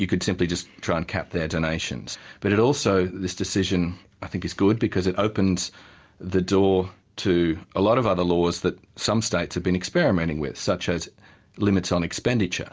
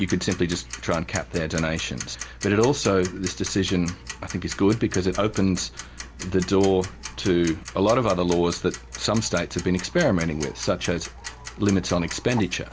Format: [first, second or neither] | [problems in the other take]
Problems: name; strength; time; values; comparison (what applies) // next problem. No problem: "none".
first | background sound (Tick-tock); 14 dB below the speech